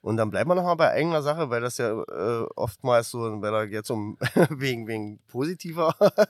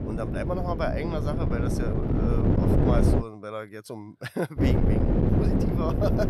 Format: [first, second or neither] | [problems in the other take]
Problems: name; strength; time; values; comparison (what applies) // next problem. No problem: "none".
first | wind noise on the microphone; heavy; until 3 s and from 4.5 s on; 2 dB above the speech